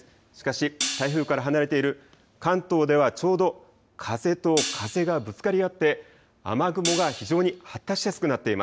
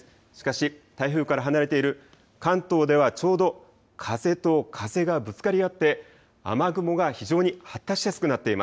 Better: second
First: background sound (Hi-hat); 10 dB below the speech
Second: none

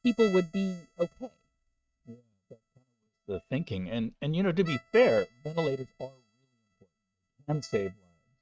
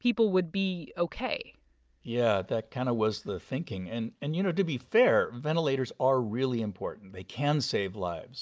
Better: second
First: noise reduction (neural mask model RNNoise)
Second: none

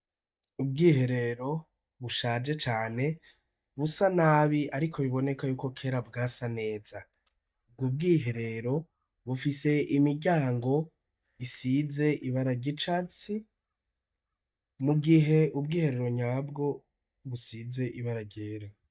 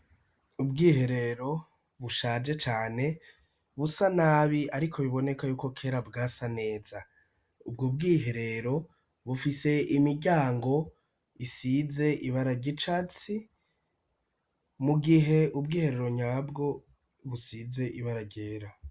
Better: second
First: noise reduction (neural mask model DeepFilterNet 3)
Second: none

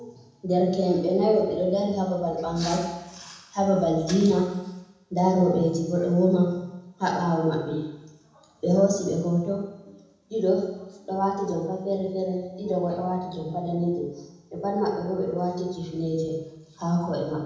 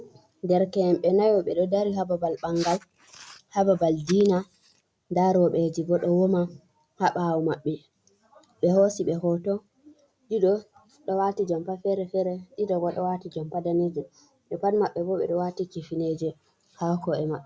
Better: second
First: room echo; dies away in 1.1 s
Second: none

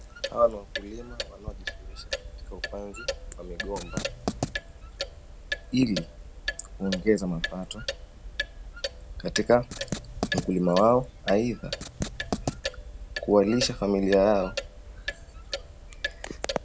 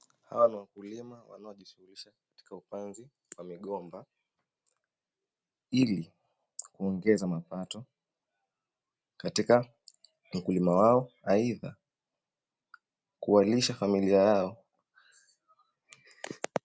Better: second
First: background sound (Writing + Clock); 7 dB below the speech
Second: none

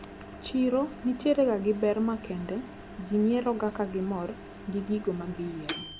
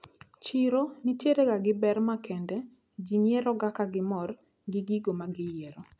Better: second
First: background sound (Microwave oven); 14 dB below the speech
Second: none

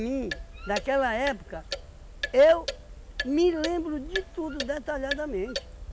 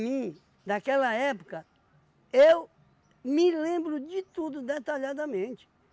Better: second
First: background sound (Clock); 10 dB below the speech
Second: none

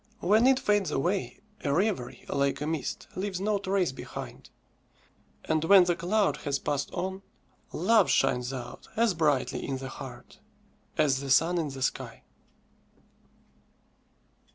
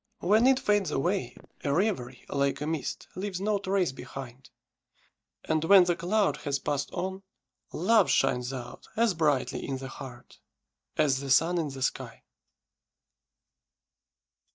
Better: first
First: none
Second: noise reduction (neural mask model DeepFilterNet 3)

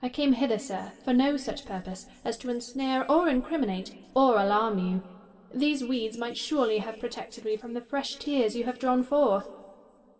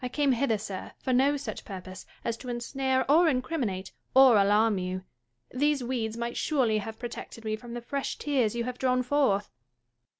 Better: second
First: room echo; dies away in 2.8 s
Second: none

